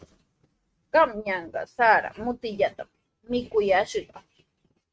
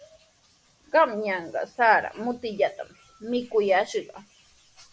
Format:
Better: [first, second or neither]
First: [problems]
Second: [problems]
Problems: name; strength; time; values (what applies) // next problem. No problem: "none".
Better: second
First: noise reduction (neural mask model RNNoise)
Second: none